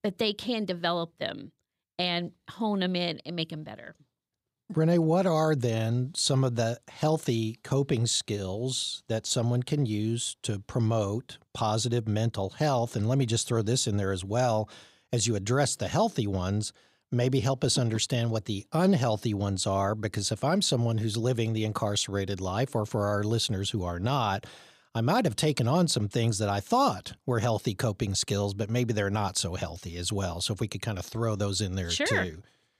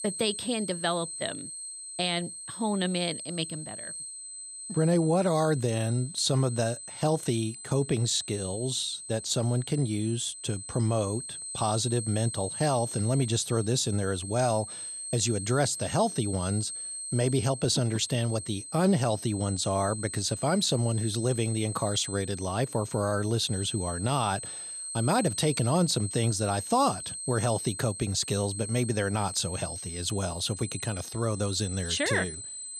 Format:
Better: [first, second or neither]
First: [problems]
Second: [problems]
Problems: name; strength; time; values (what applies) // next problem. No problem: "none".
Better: first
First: none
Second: high-pitched whine; loud; throughout; 8.5 kHz, 8 dB below the speech